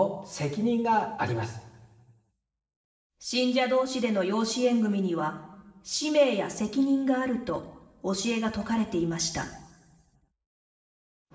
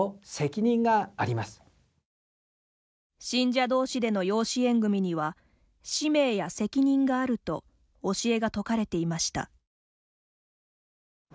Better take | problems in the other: second | room echo; dies away in 1.4 s

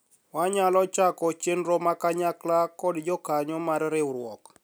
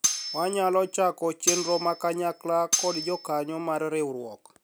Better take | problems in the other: first | background sound (Cutlery, silverware); 4 dB below the speech

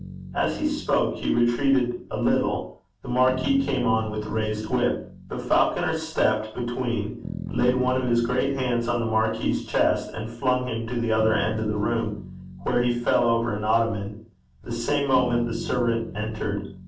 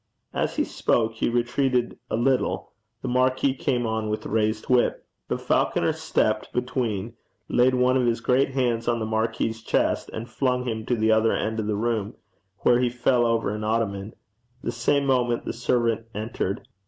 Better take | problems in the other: second | background sound (Bass guitar); 14 dB below the speech // room echo; dies away in 0.4 s

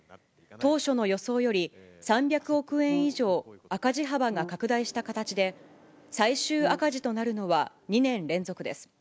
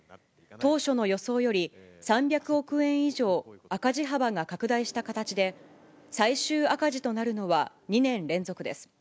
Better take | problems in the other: second | background sound (Brass instrument); 15 dB below the speech

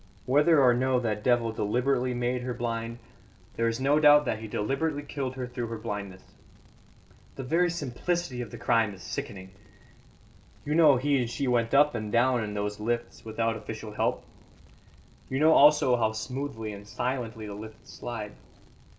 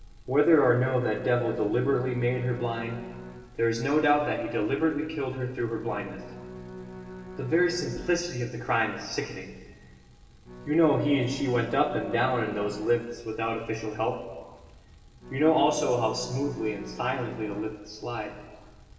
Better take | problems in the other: first | background sound (Bowed string instrument); 17 dB below the speech // room echo; dies away in 1.3 s

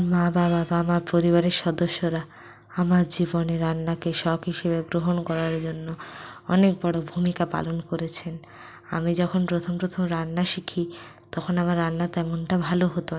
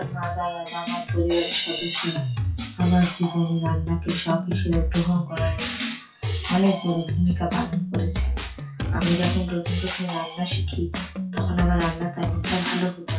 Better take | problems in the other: first | noise reduction (classical method WPE with log-MMSE)

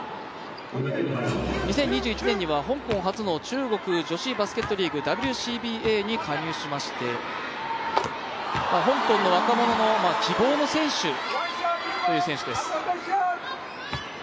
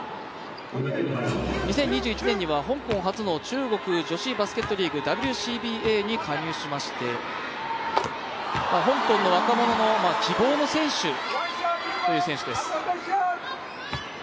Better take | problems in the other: first | background sound (Bowed string instrument); 15 dB below the speech

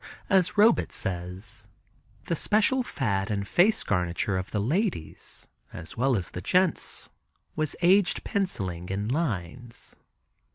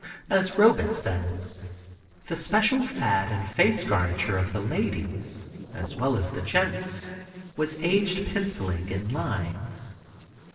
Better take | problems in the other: first | noise reduction (neural separator model SepFormer DNS4)

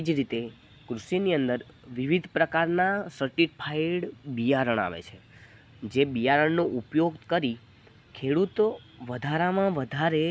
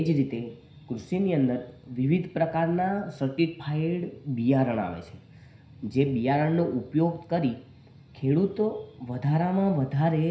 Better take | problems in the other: first | room echo; dies away in 0.5 s

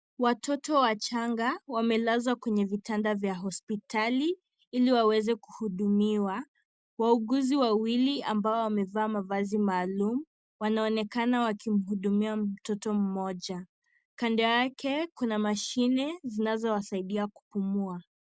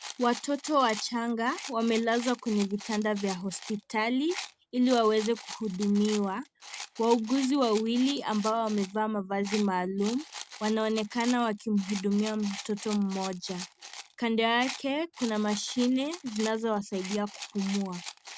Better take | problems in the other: first | background sound (Rattle); 15 dB below the speech

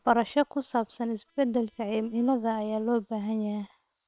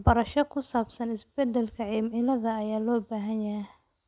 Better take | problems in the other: second | noise reduction (neural separator model SepFormer WHAM!)

